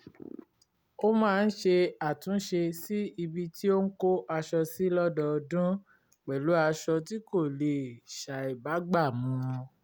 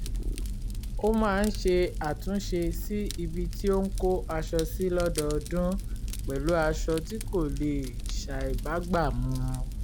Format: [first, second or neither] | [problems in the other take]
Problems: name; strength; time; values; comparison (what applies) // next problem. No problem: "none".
first | background sound (Fire); 2 dB below the speech